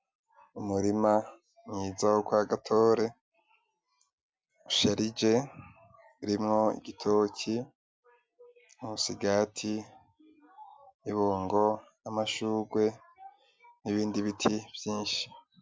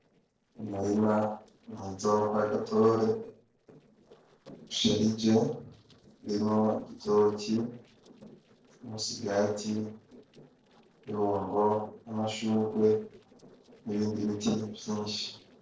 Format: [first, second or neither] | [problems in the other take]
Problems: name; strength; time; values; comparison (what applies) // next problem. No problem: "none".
first | noise reduction (neural separator model SepFormer DNS4)